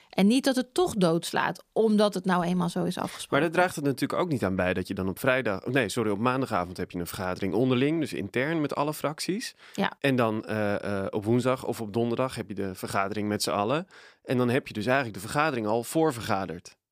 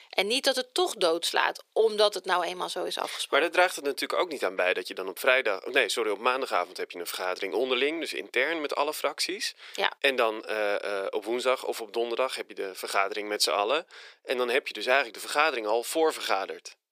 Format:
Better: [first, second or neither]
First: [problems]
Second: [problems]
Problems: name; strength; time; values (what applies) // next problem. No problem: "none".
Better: first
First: none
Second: thin; very; fading below 400 Hz